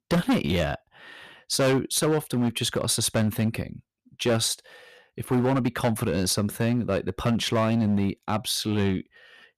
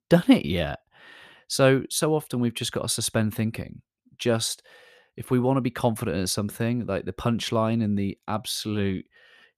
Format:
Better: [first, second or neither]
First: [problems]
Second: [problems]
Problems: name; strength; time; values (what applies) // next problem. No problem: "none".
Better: second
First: distortion; heavy; 9% of the sound clipped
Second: none